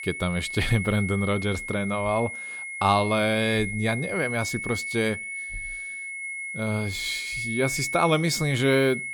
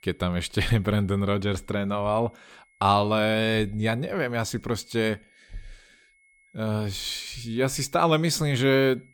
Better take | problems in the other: second | high-pitched whine; loud; throughout; 2 kHz, 6 dB below the speech; faint in the second

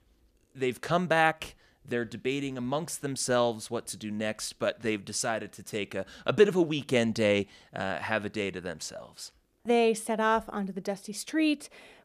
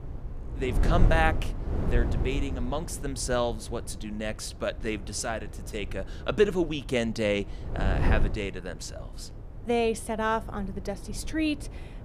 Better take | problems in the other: first | wind noise on the microphone; occasional gusts; 15 dB below the speech

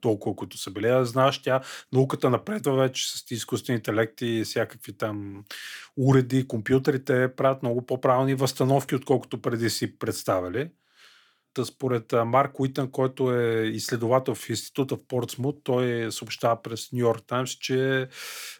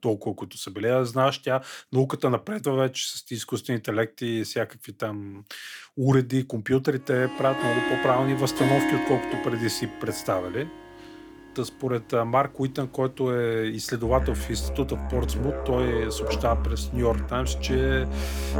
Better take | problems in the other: first | background music; loud; from 7.5 s on; 3 dB below the speech

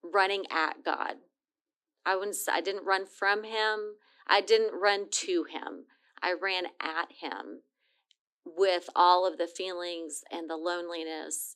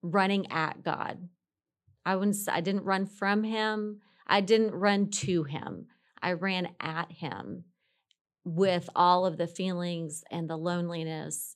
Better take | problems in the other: second | thin; very; fading below 250 Hz

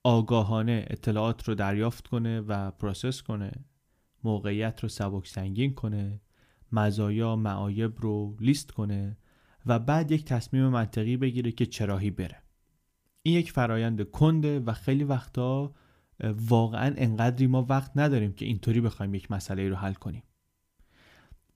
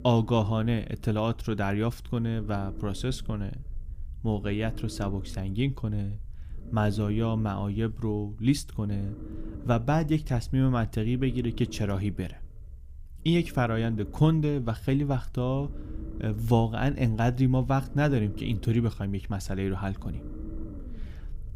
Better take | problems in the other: first | low rumble; noticeable; throughout; 20 dB below the speech

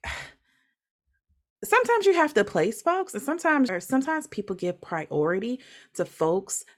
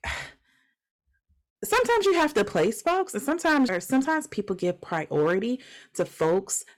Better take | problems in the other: first | distortion; slight; 6% of the sound clipped

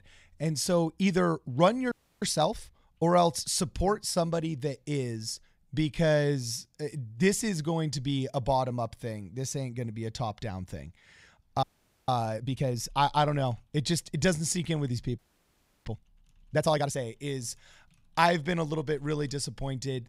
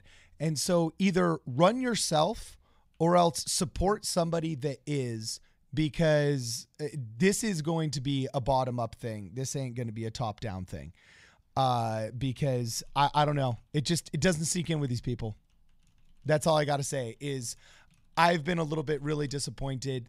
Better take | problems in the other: second | audio freezing; at 2 s, at 12 s and at 15 s for 0.5 s

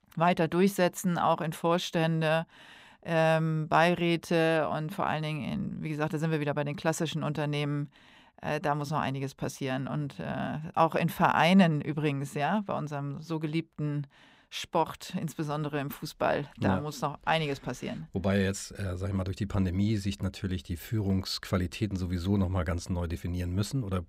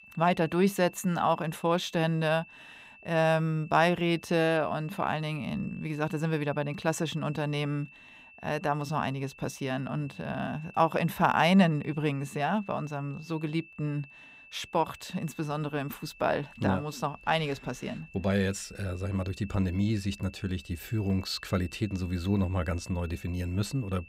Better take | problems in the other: first | high-pitched whine; faint; throughout; 2.5 kHz, 20 dB below the speech

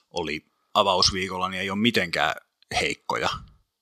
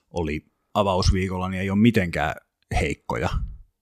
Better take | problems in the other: second | thin; somewhat; fading below 500 Hz

